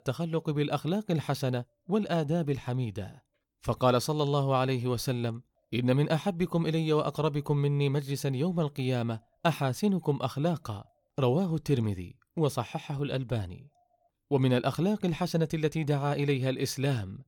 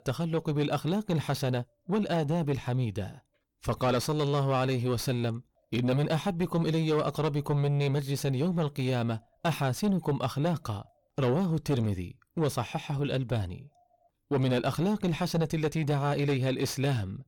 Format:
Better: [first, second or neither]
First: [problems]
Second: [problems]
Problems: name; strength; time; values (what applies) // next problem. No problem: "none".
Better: first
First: none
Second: distortion; slight; 9 dB below the speech